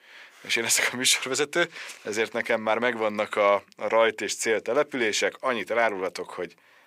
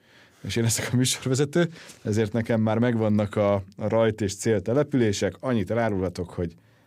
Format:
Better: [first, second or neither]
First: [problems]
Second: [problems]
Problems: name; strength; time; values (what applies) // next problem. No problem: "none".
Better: second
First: thin; very; fading below 550 Hz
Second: none